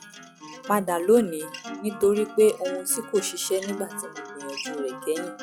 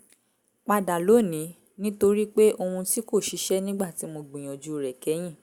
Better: second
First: noise reduction (classical method log-MMSE)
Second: none

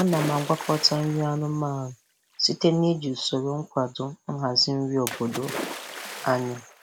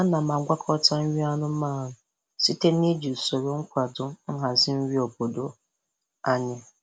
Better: second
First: background sound (Splash, splatter); 13 dB below the speech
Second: none

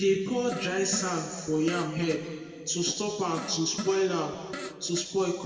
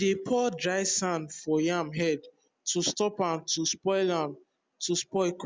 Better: second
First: background sound (Fart); 13 dB below the speech // room echo; dies away in 2.1 s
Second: none

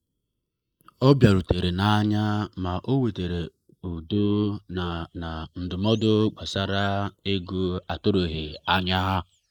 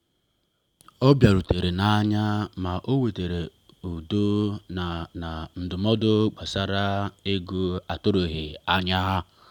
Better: second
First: noise reduction (neural mask model Resemble Enhance denoiser)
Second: none

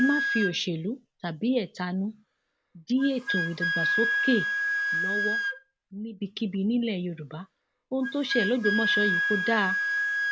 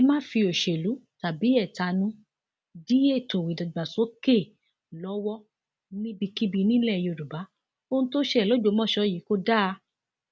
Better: second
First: background sound (Wind instrument, woodwind instrument); 1 dB below the speech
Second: none

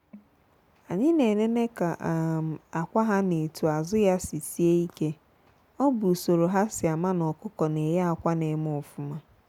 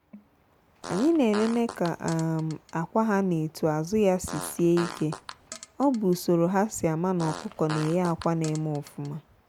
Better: first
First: none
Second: background sound (Fart); 15 dB below the speech

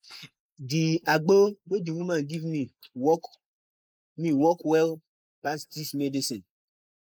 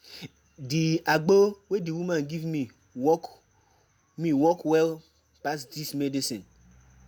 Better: second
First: noise reduction (neural mask model Resemble Enhance denoiser)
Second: none

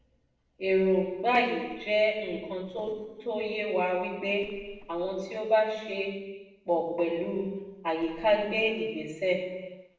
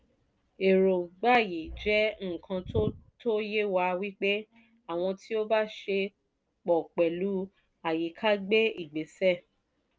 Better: second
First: noise reduction (neural separator model SepFormer DNS4)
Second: none

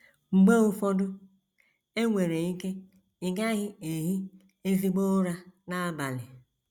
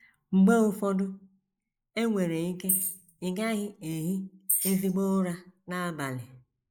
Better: first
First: none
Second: noise reduction (neural mask model Resemble Enhance denoiser)

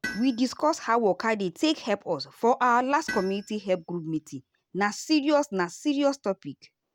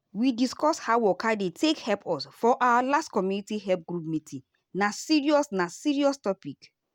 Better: second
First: background sound (Tools); 18 dB below the speech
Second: none

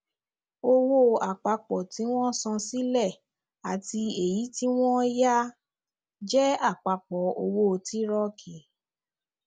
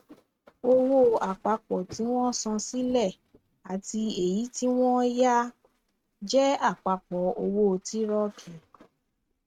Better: first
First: none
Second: noise reduction (neural mask model RNNoise)

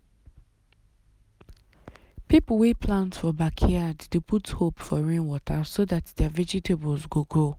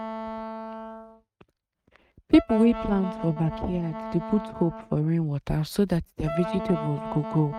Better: first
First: none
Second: noise reduction (neural mask model RNNoise)

